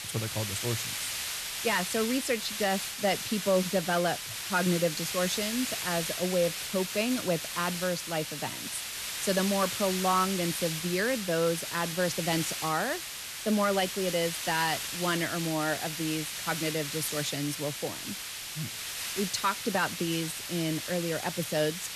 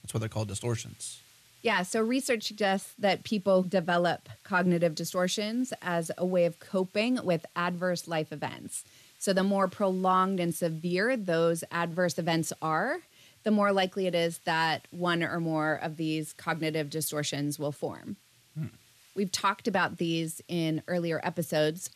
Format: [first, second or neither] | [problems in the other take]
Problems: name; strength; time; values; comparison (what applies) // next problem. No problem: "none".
second | hiss; loud; throughout; 3 dB below the speech; faint in the second